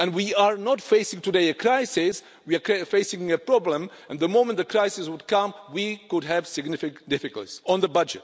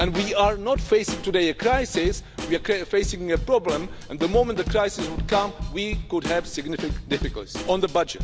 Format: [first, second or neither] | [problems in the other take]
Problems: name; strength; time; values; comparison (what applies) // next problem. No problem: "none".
first | background sound (Snare drum / Drum kit); 7 dB below the speech